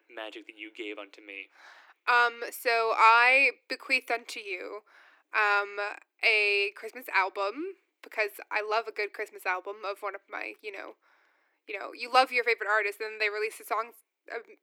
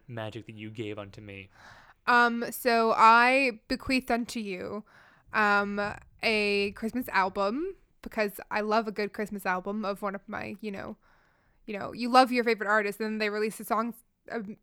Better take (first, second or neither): second